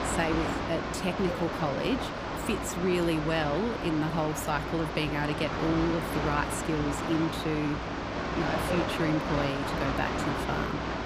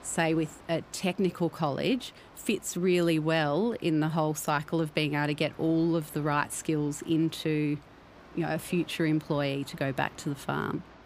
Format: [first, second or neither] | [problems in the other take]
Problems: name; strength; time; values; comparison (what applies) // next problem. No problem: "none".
second | machinery noise; loud; throughout; 1 dB below the speech; faint in the second